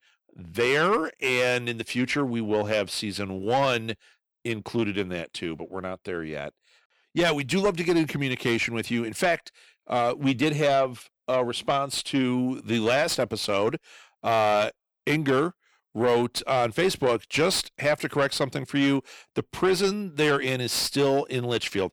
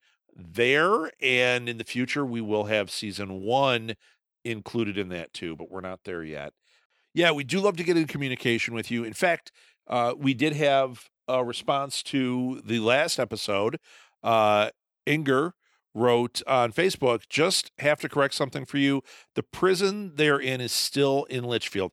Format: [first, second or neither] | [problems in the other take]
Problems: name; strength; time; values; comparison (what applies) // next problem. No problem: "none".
second | distortion; slight; 10 dB below the speech